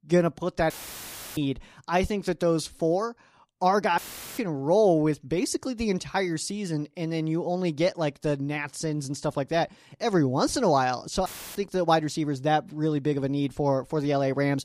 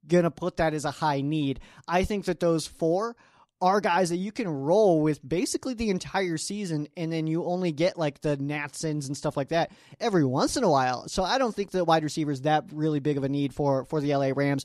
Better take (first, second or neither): second